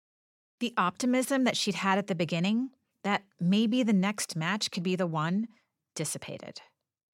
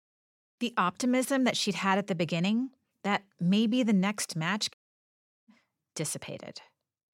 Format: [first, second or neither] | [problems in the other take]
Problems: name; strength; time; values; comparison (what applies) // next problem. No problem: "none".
first | audio cutting out; at 4.5 s for 0.5 s